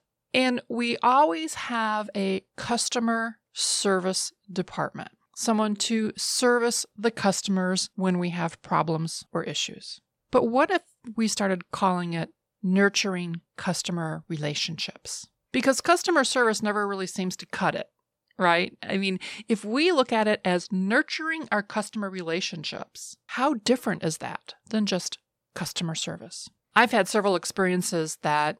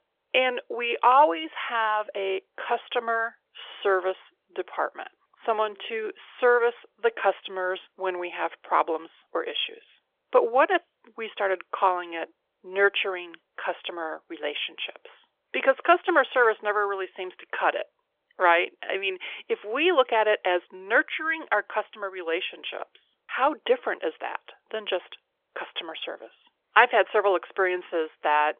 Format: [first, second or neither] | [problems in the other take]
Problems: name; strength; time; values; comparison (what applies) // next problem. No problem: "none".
first | phone-call audio; nothing above 3.5 kHz